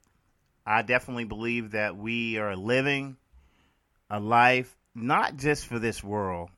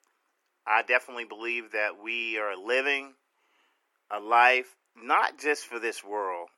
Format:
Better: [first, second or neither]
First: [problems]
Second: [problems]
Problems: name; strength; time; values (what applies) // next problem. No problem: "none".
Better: first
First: none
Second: thin; very; fading below 350 Hz